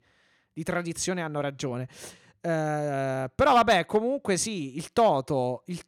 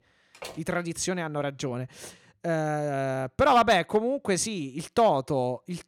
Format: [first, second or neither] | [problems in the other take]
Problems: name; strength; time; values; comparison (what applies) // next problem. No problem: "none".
first | door banging; faint; at 0.5 s; peak 15 dB below the speech